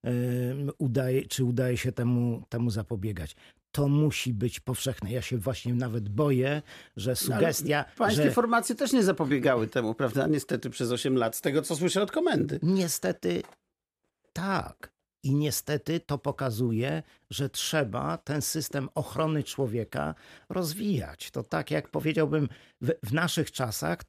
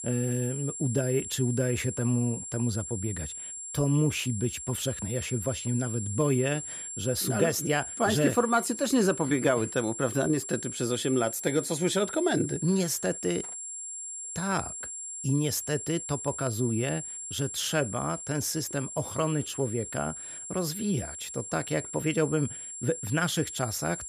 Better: first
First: none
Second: high-pitched whine; loud; throughout; 7.5 kHz, 7 dB below the speech

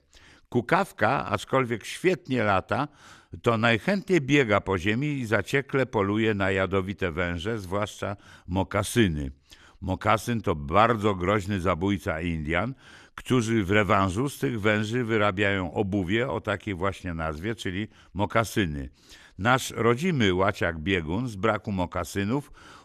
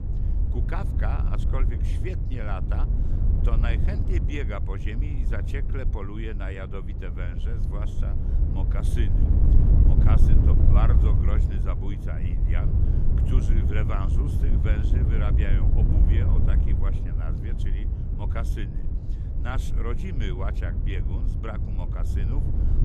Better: first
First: none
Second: wind noise on the microphone; heavy; 2 dB below the speech

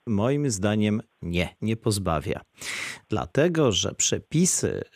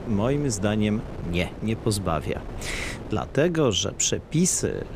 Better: first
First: none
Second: wind noise on the microphone; occasional gusts; 15 dB below the speech

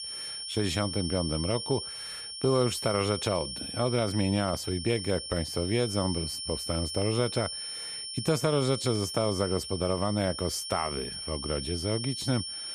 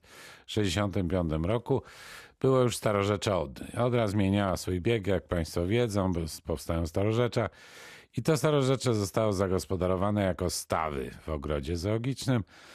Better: second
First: high-pitched whine; loud; throughout; 5.5 kHz, 5 dB below the speech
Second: none

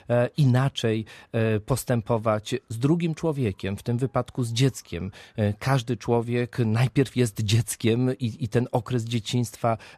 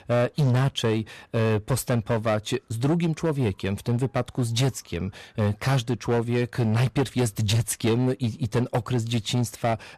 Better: first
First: none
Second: distortion; slight; 11% of the sound clipped

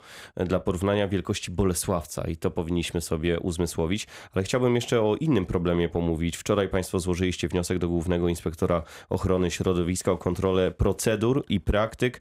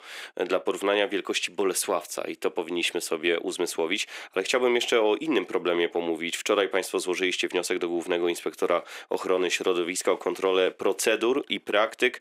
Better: first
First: none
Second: thin; somewhat; fading below 300 Hz

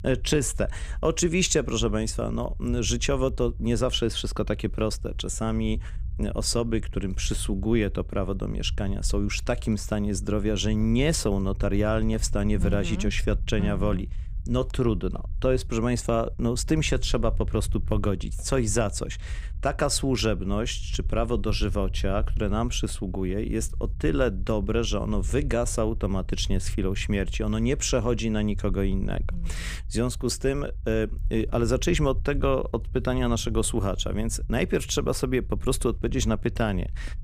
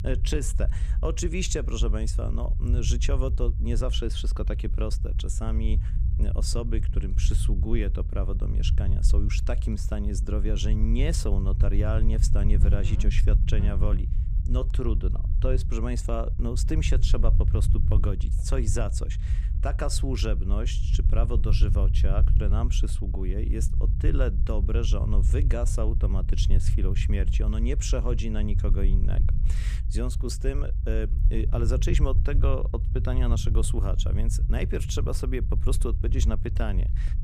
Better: first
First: low rumble; faint; throughout; 25 dB below the speech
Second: low rumble; loud; throughout; 9 dB below the speech

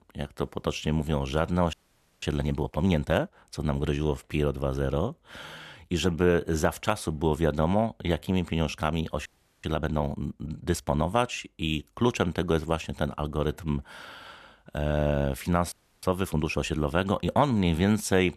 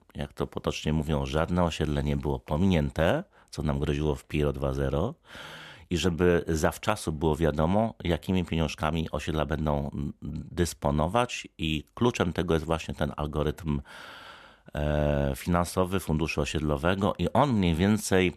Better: second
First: audio freezing; at 1.5 s, at 9.5 s and at 16 s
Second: none

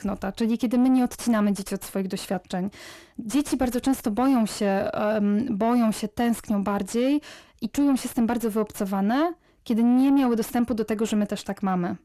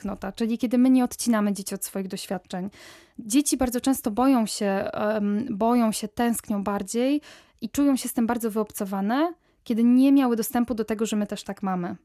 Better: second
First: distortion; slight; 10 dB below the speech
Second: none

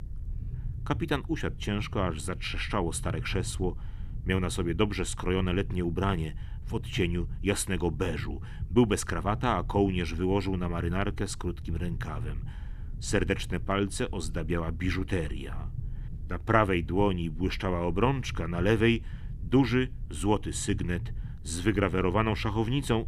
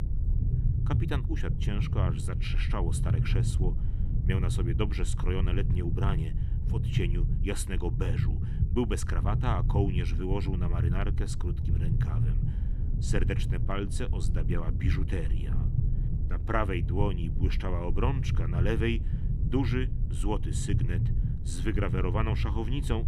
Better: first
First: low rumble; faint; throughout; 20 dB below the speech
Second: low rumble; loud; throughout; 7 dB below the speech

